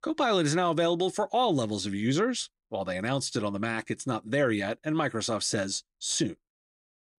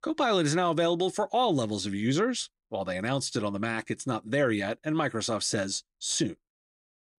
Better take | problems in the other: neither | none

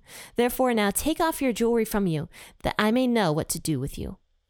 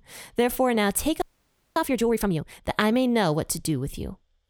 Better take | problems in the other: first | audio freezing; at 1 s for 0.5 s

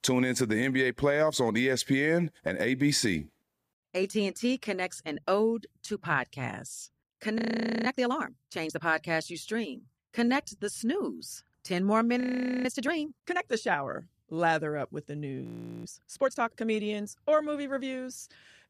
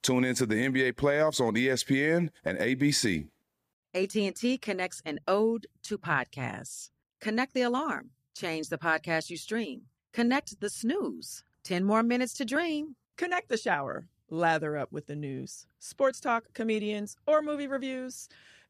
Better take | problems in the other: second | audio freezing; at 7.5 s, at 12 s and at 15 s

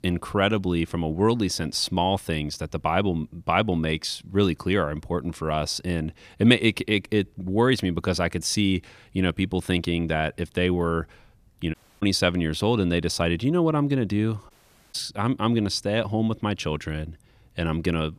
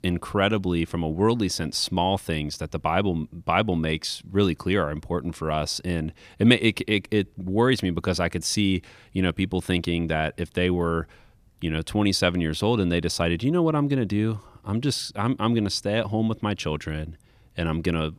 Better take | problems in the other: second | audio cutting out; at 12 s and at 15 s

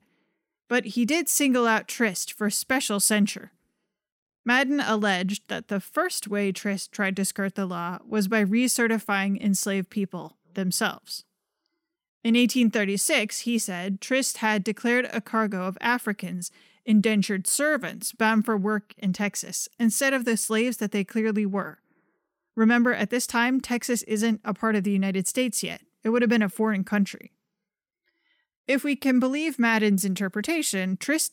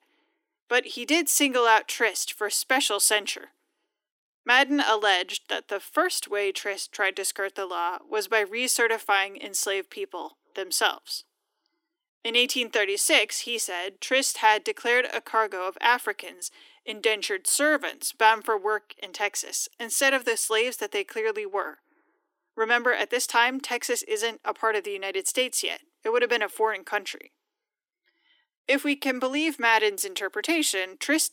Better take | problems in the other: first | thin; very; fading below 300 Hz

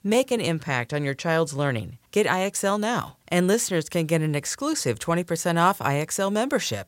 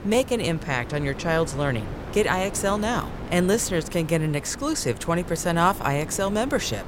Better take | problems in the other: first | wind noise on the microphone; occasional gusts; 15 dB below the speech

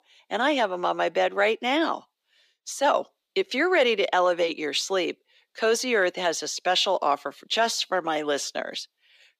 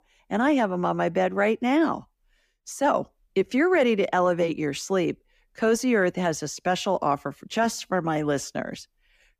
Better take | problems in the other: second | thin; somewhat; fading below 450 Hz

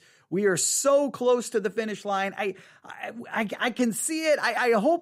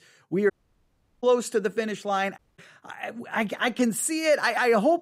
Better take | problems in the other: first | audio cutting out; at 0.5 s for 0.5 s and at 2.5 s

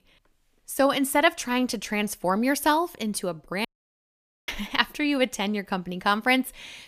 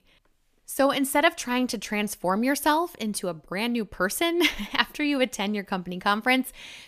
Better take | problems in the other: second | audio cutting out; at 3.5 s for 1 s

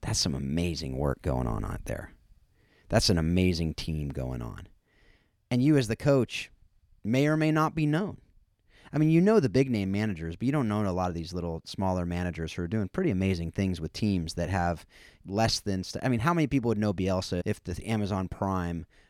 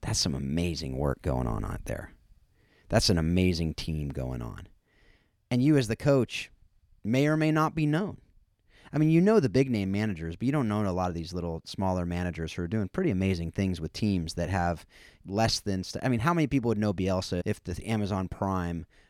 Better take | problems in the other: neither | none

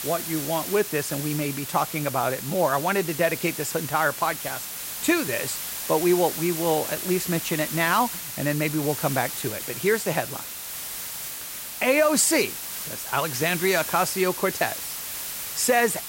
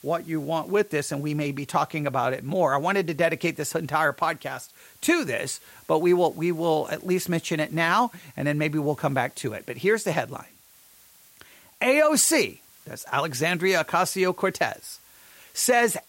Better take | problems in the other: second | hiss; loud; throughout; 6 dB below the speech; faint in the second

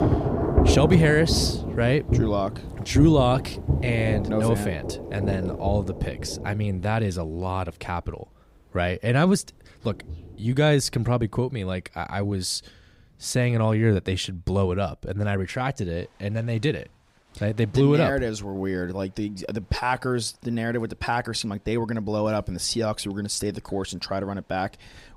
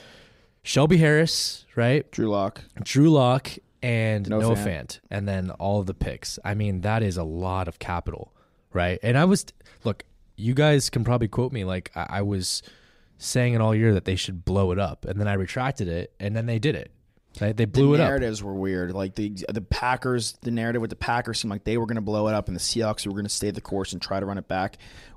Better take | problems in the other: second | rain or running water; loud; throughout; 2 dB below the speech

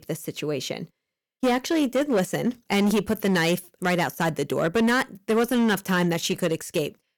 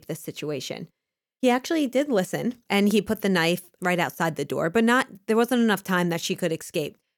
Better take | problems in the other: second | distortion; slight; 9% of the sound clipped

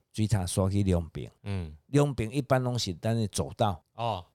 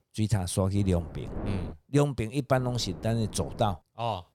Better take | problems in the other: first | wind noise on the microphone; occasional gusts; at 1 s and from 2.5 to 3.5 s; 15 dB below the speech

